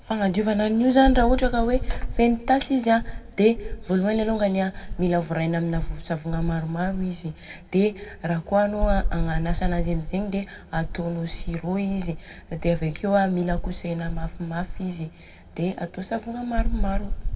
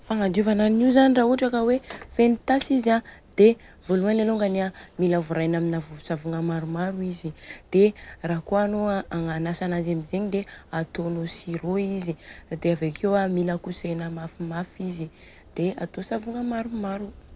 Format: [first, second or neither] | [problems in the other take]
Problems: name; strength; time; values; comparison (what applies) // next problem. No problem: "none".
second | background sound (Insect); 5 dB below the speech // room echo; dies away in 1.7 s